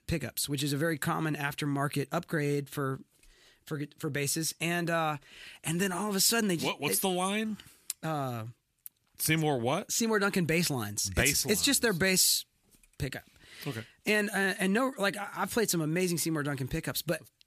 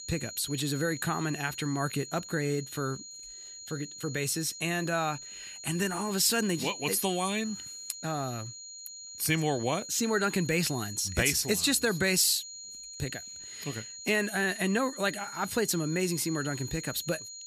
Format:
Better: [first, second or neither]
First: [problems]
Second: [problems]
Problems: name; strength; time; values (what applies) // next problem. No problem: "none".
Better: first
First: none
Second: high-pitched whine; noticeable; throughout; 7 kHz, 10 dB below the speech